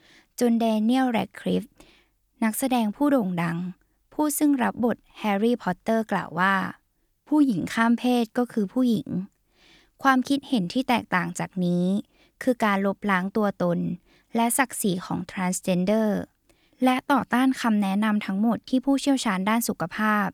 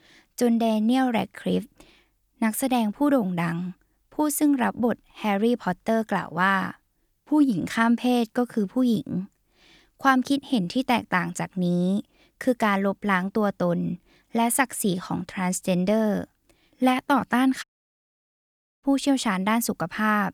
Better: first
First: none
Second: audio cutting out; at 18 s for 1 s

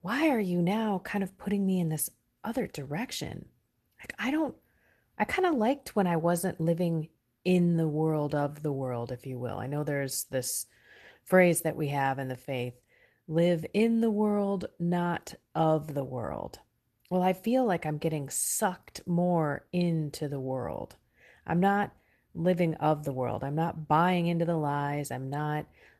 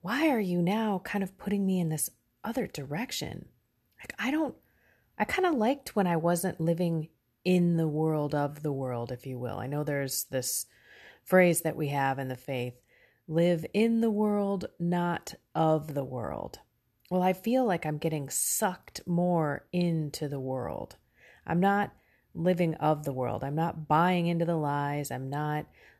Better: second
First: garbled, watery; slightly; nothing above 13.5 kHz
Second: none

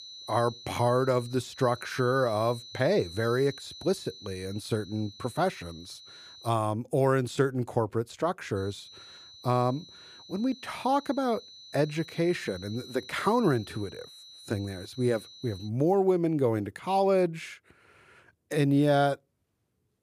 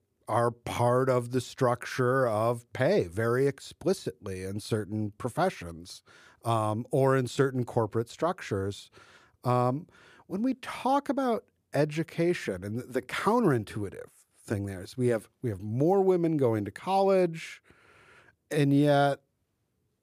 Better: second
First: high-pitched whine; noticeable; until 6.5 s and from 8.5 to 16 s; 4 kHz, 15 dB below the speech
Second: none

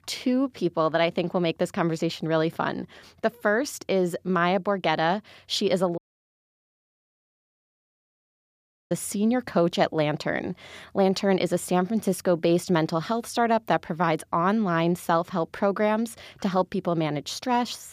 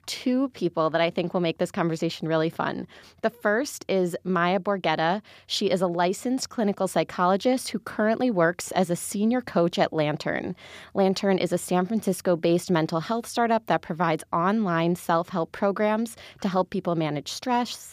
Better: second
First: audio cutting out; at 6 s for 3 s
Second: none

